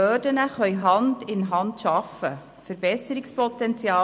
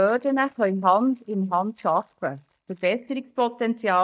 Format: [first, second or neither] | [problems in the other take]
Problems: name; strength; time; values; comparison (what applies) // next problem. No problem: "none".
first | noise reduction (neural mask model DeepFilterNet 3)